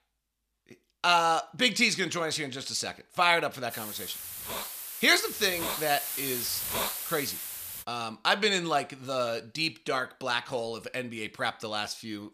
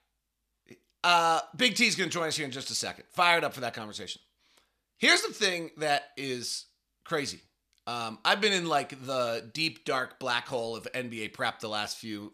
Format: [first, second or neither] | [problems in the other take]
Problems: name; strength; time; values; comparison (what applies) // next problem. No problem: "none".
second | hiss; loud; from 3.5 to 8 s; 5 dB below the speech